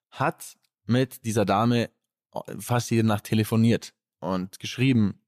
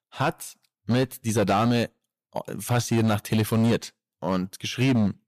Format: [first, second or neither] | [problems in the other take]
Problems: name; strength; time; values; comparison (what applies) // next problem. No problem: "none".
first | distortion; slight; 9% of the sound clipped